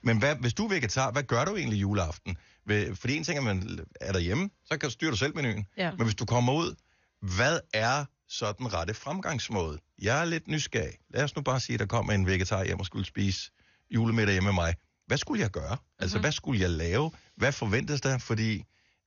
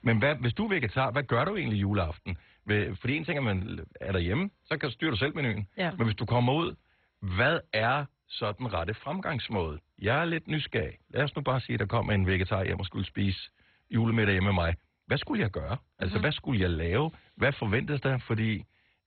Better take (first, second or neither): first